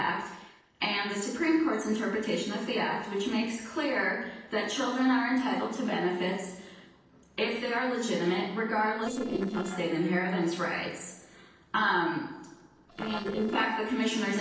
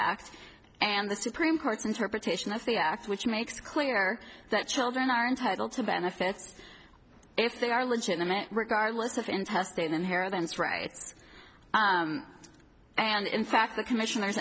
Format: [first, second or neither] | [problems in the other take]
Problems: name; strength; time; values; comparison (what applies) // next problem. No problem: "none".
second | noise reduction (neural separator model SepFormer DNS4)